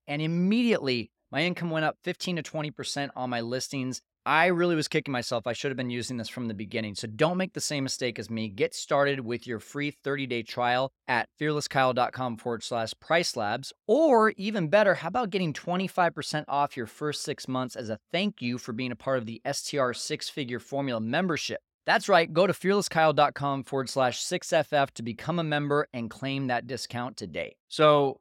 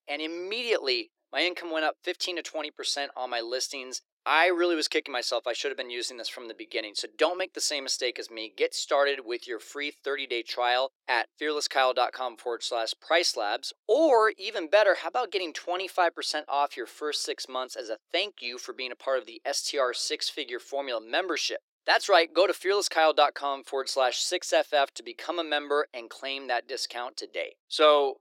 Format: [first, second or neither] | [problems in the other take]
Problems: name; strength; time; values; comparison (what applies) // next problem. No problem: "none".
first | thin; very; fading below 350 Hz